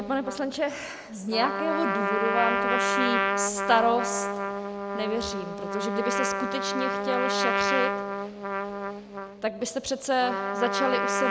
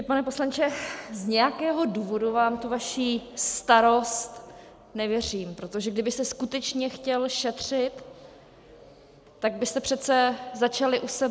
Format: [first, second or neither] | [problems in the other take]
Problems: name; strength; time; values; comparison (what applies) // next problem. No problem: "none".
second | background sound (Trumpet); 1 dB above the speech